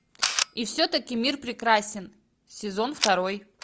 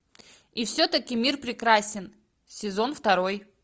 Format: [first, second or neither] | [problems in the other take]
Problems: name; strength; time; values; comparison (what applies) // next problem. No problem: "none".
second | background sound (Camera); 6 dB below the speech